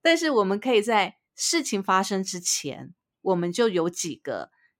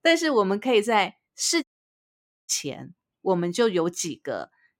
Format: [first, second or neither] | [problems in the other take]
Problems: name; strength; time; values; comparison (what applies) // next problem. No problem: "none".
first | audio cutting out; at 1.5 s for 1 s